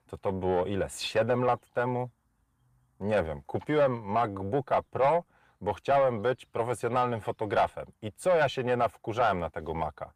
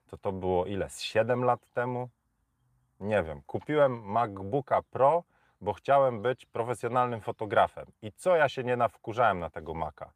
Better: second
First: distortion; slight; 10 dB below the speech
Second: none

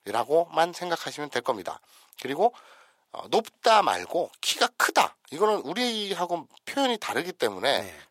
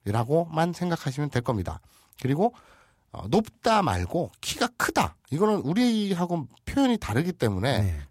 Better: second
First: thin; very; fading below 550 Hz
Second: none

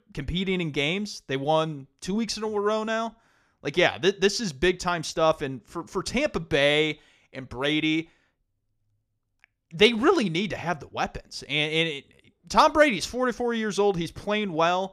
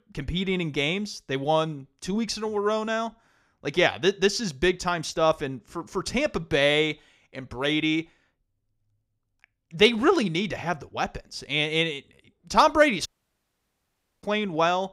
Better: first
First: none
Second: audio cutting out; at 13 s for 1 s

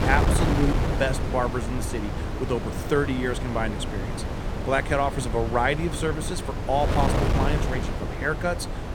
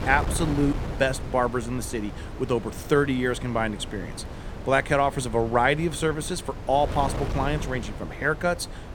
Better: second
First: wind noise on the microphone; heavy; 5 dB below the speech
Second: wind noise on the microphone; occasional gusts; 15 dB below the speech

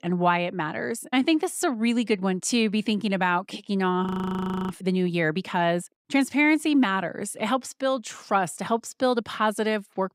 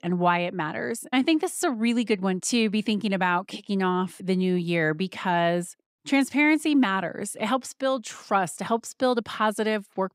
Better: second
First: audio freezing; at 4 s for 0.5 s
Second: none

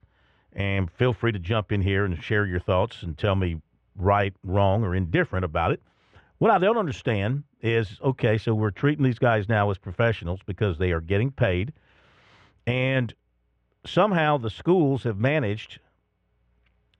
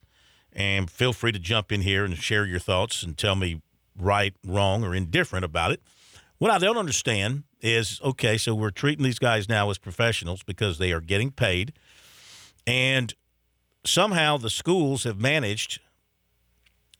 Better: second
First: muffled; very; fading above 1.5 kHz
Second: none

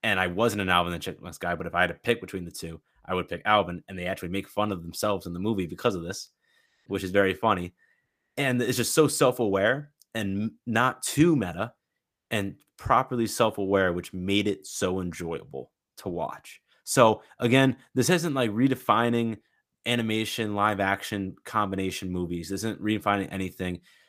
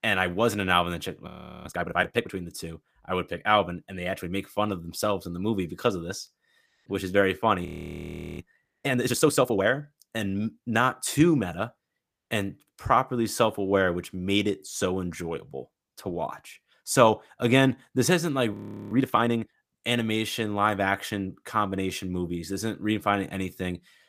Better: first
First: none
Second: audio freezing; at 1.5 s, at 7.5 s for 0.5 s and at 19 s

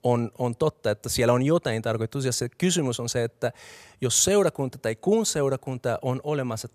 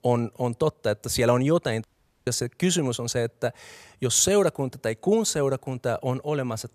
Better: first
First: none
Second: audio cutting out; at 2 s

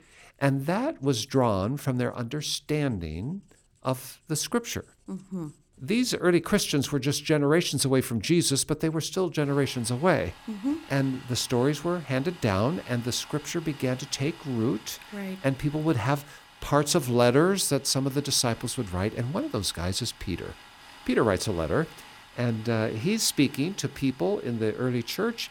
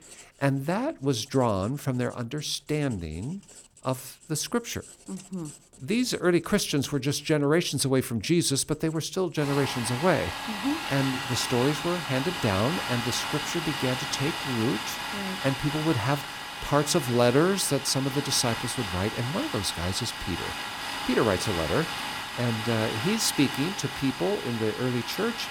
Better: first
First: household noises; faint; throughout; 20 dB below the speech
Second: household noises; loud; throughout; 5 dB below the speech

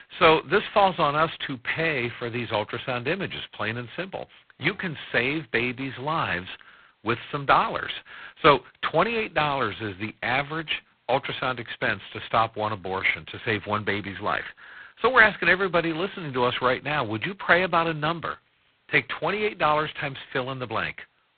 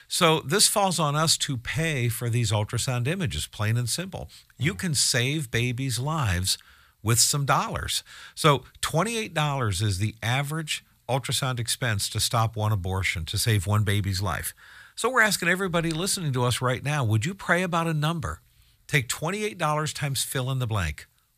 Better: second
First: phone-call audio; poor line; nothing above 4 kHz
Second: none

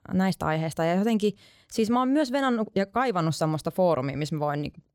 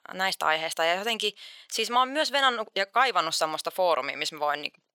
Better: first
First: none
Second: thin; very; fading below 800 Hz

